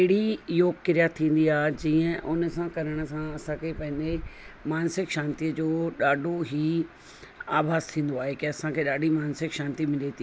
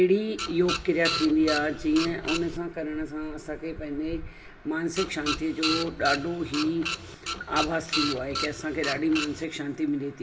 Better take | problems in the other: first | background sound (Printer); 5 dB below the speech // room echo; dies away in 0.9 s

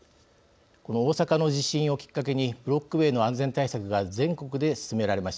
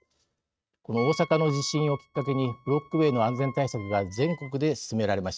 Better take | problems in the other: first | noise reduction (neural mask model RNNoise)

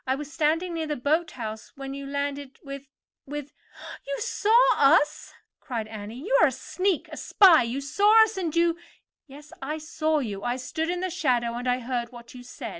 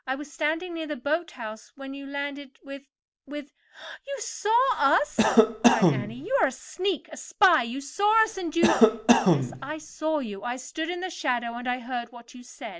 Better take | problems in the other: first | background sound (Cough); 4 dB above the speech

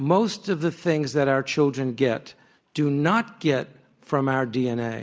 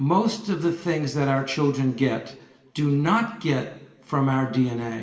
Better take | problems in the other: first | room echo; dies away in 0.8 s

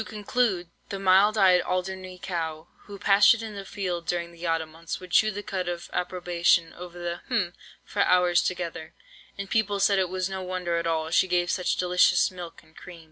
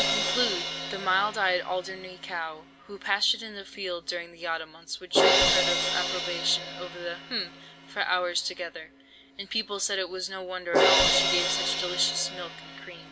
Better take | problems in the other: first | background sound (Crash cymbal); 1 dB above the speech

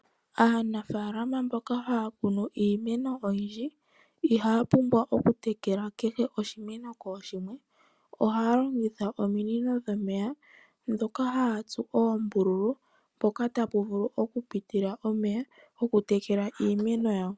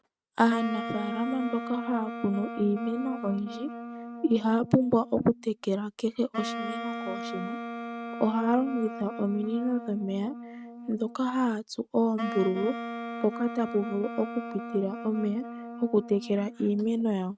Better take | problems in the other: first | noise reduction (neural mask model RNNoise)

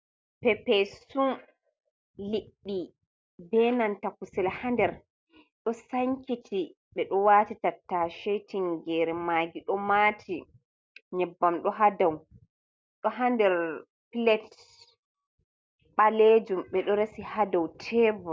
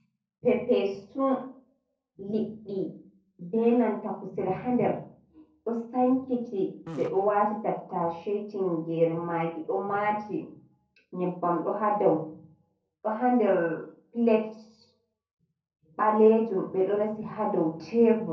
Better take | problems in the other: first | noise reduction (neural separator model SepFormer DNS4)

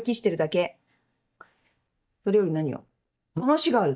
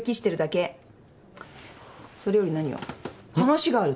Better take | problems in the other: second | noise reduction (neural mask model DeepFilterNet 3)

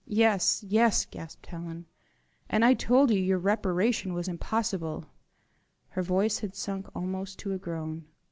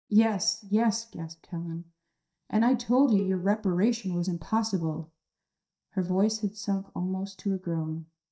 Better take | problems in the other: first | noise reduction (neural mask model DeepFilterNet 3)

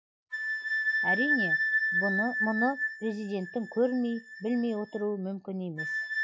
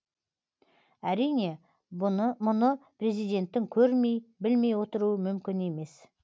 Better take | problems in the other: second | noise reduction (classical method log-MMSE)

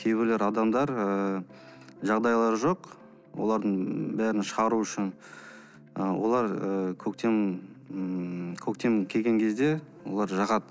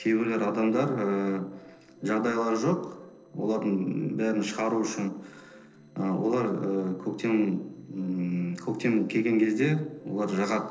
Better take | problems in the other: first | noise reduction (neural separator model SepFormer DNS4)

